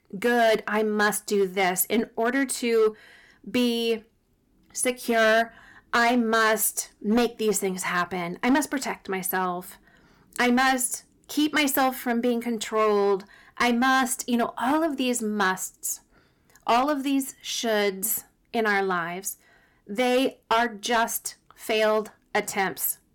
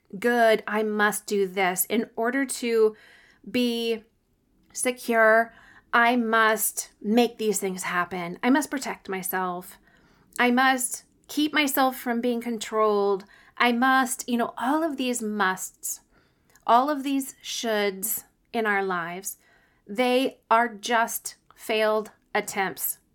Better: second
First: distortion; slight; 5% of the sound clipped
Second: none

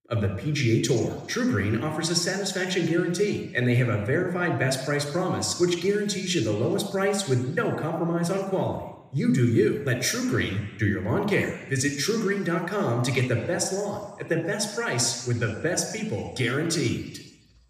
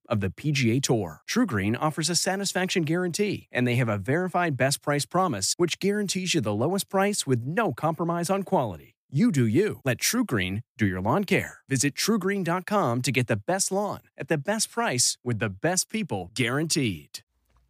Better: second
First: room echo; slight; dies away in 1 s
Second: none

